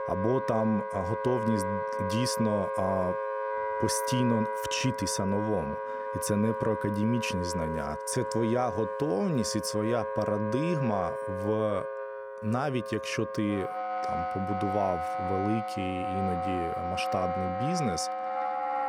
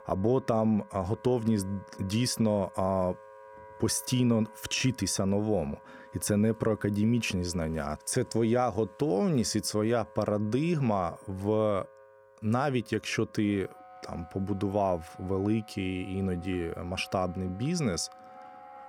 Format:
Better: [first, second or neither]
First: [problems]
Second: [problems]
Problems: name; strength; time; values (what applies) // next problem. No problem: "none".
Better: second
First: background music; loud; throughout; 2 dB below the speech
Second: background music; faint; throughout; 20 dB below the speech